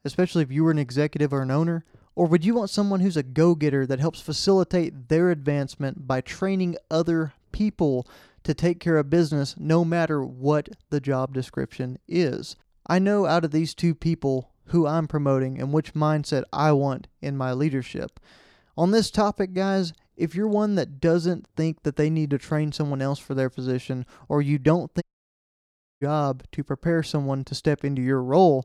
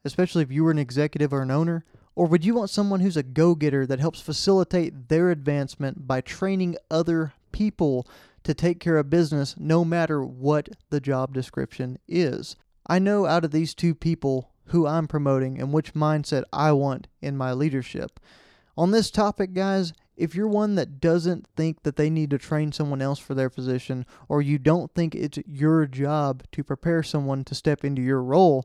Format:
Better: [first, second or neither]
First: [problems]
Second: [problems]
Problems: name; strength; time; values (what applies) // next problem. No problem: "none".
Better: second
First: audio cutting out; at 25 s for 1 s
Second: none